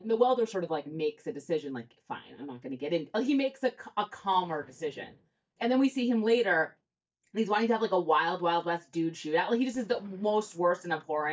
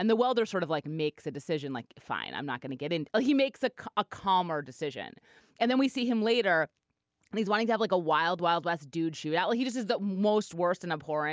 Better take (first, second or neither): second